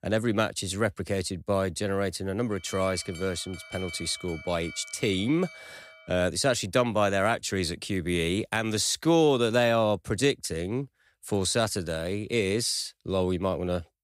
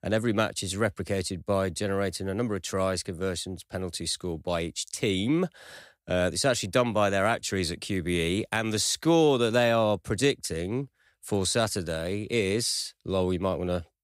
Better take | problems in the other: second | alarm; faint; from 2.5 to 6 s; peak 10 dB below the speech

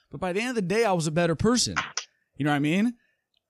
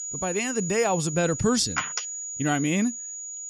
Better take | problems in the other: first | high-pitched whine; loud; throughout; 7 kHz, 6 dB below the speech

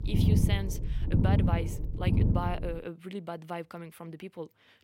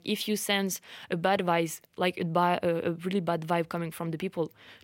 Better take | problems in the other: second | low rumble; loud; until 3 s; as loud as the speech

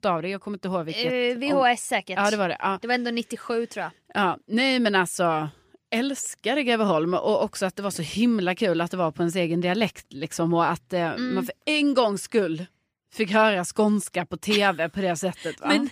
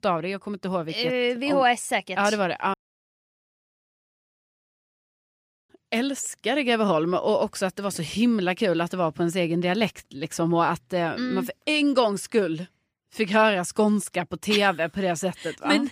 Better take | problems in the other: first | audio cutting out; at 2.5 s for 3 s

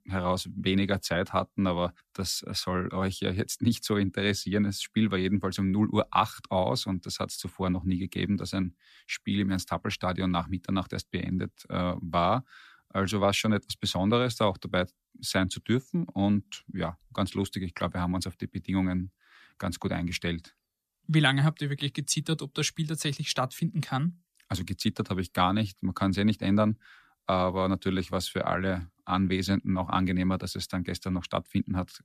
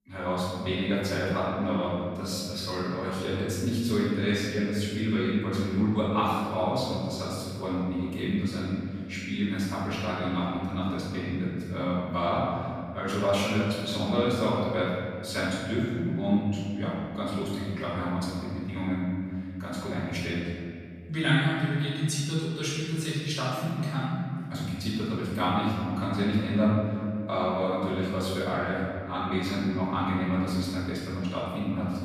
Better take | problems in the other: first | room echo; strong; dies away in 2.1 s // off-mic speech; far

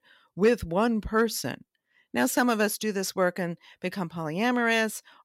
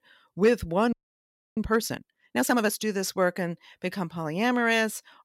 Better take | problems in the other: first | audio freezing; at 1 s for 0.5 s

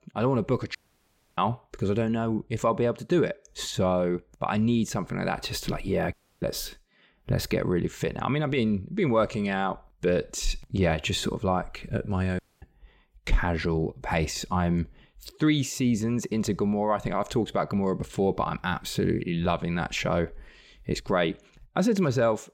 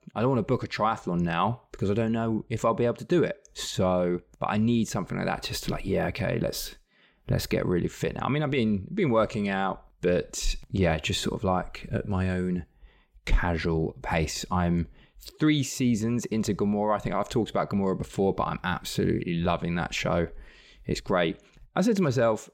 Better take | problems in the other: second | audio cutting out; at 1 s for 0.5 s, at 6 s and at 12 s

